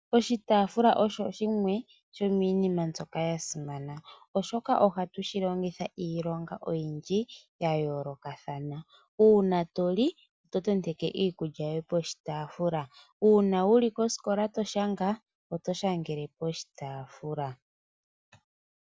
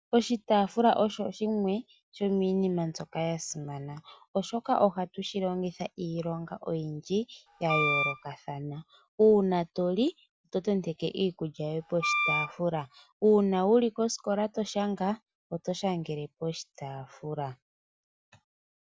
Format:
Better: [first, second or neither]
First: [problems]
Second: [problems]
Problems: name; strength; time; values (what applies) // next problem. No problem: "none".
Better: first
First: none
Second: background sound (Wind instrument, woodwind instrument); as loud as the speech